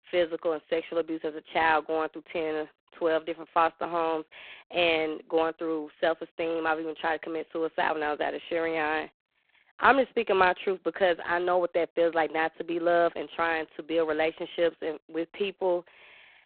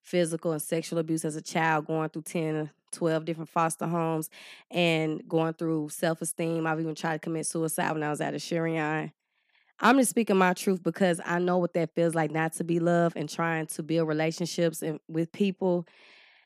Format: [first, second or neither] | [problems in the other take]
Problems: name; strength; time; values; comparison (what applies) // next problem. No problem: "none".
second | phone-call audio; poor line; nothing above 3.5 kHz